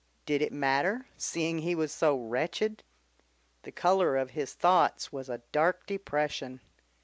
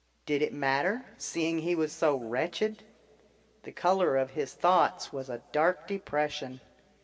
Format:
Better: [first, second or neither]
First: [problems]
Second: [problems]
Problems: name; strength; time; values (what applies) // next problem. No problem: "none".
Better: first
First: none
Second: room echo; dies away in 2.7 s